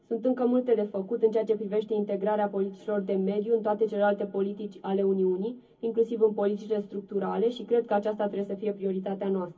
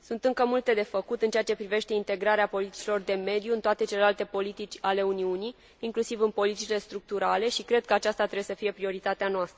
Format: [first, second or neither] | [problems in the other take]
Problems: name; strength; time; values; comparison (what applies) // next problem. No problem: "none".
second | room echo; dies away in 0.3 s